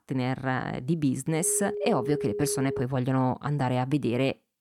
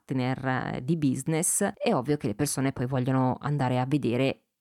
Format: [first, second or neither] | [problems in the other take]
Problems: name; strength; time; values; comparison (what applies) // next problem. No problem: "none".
second | phone ringing; noticeable; from 1.5 to 3 s; peak 5 dB below the speech